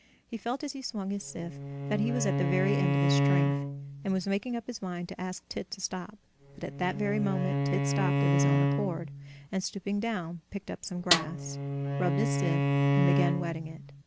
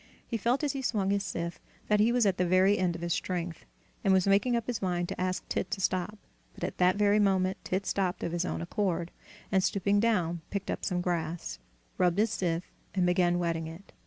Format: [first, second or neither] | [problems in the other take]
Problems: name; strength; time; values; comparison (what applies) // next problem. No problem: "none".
second | background sound (Snare drum + Bowed string instrument); 5 dB above the speech